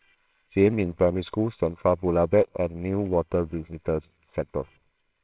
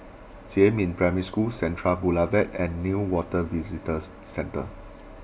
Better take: second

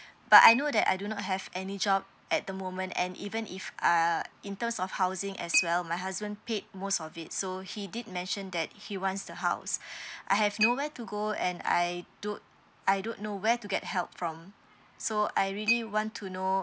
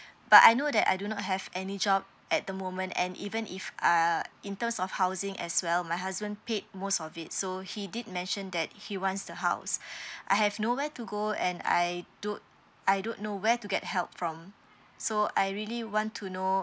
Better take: second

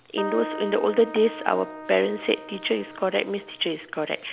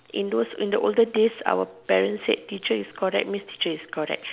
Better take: second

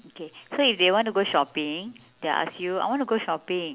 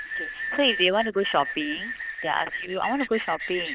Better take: first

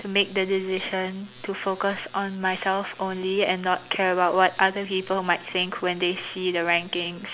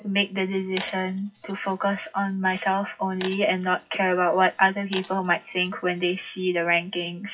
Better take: first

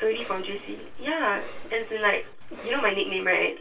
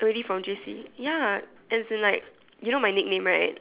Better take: second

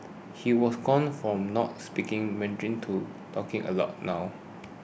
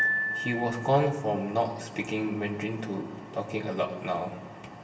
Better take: first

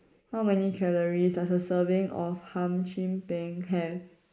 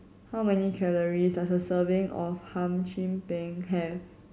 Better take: second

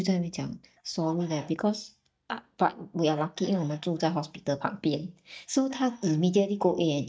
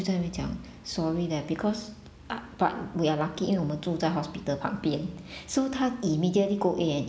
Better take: second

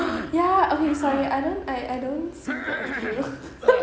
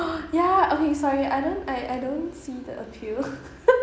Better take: second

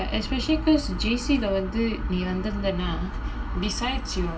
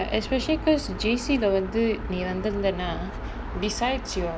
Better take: second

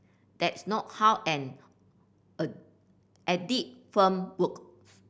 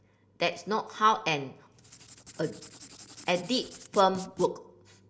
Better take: first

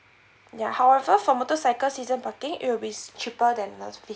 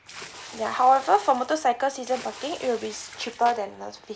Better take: first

